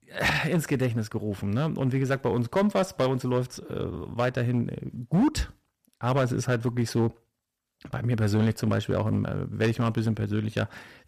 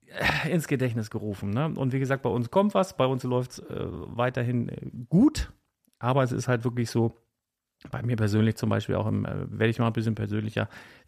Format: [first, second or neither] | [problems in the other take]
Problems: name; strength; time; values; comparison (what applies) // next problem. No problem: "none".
second | distortion; slight; 5% of the sound clipped